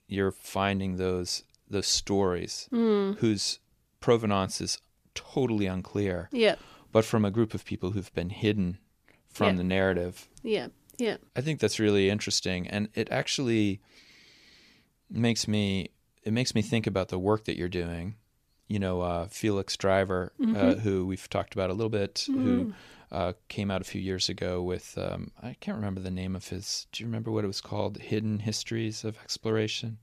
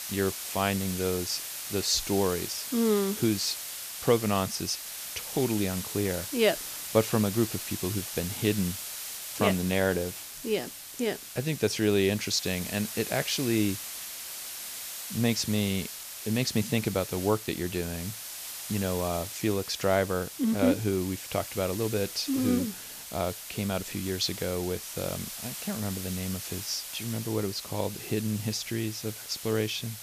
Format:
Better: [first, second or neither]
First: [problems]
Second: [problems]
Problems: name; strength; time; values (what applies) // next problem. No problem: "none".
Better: first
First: none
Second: hiss; loud; throughout; 7 dB below the speech